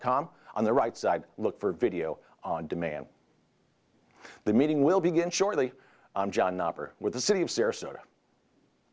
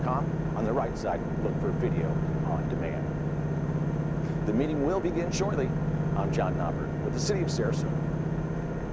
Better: first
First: none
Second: background sound (Engine / Boat, Water vehicle); 4 dB above the speech

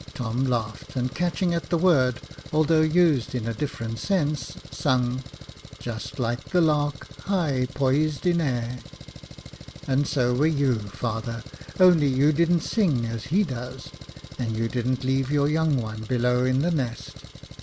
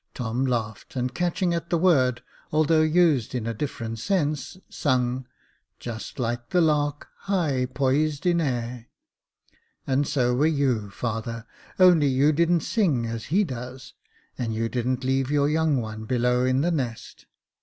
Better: second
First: background sound (Engine); 16 dB below the speech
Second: none

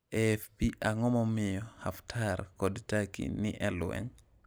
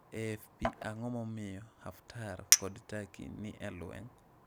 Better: first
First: none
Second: background sound (Chink, clink); 4 dB above the speech

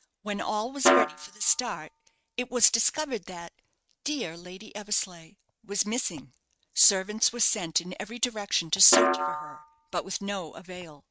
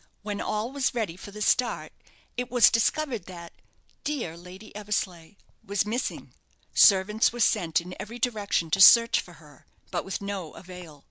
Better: second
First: noise reduction (neural mask model RNNoise)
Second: none

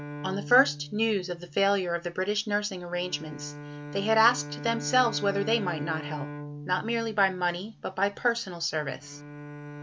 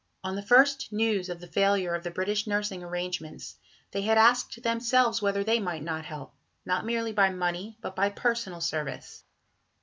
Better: second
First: background sound (Bowed string instrument); 12 dB below the speech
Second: none

